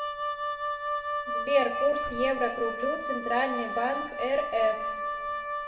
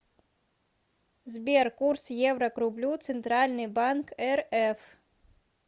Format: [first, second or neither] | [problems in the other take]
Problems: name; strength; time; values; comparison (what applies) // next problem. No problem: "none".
second | background sound (Wind instrument, woodwind instrument); 2 dB below the speech // room echo; dies away in 1.6 s